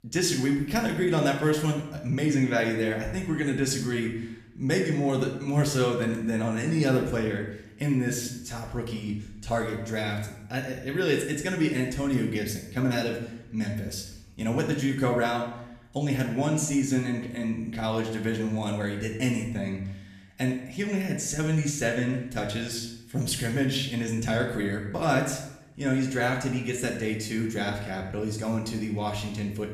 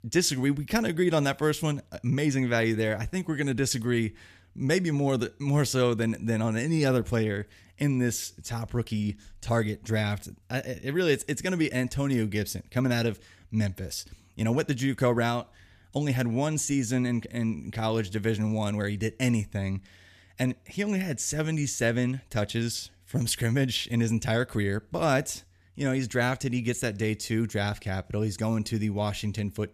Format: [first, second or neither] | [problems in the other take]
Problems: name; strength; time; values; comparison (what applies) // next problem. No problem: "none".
second | room echo; slight; dies away in 0.7 s // off-mic speech; somewhat distant